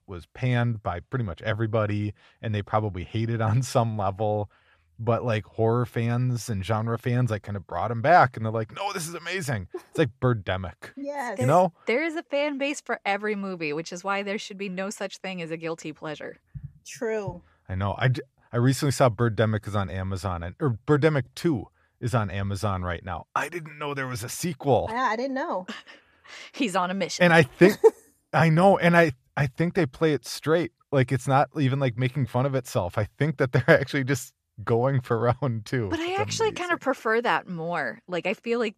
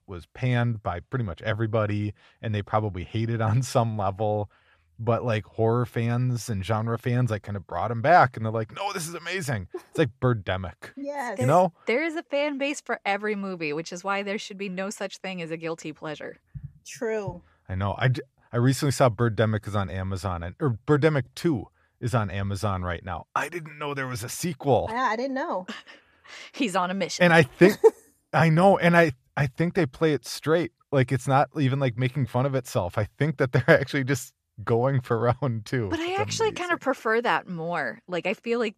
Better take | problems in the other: neither | none

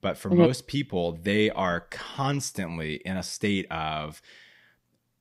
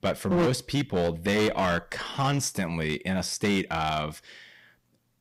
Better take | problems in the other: first | distortion; heavy; 11% of the sound clipped

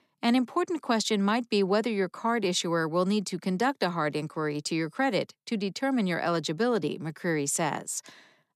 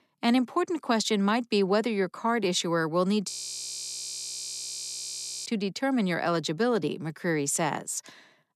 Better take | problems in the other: first | audio freezing; at 3.5 s for 2 s

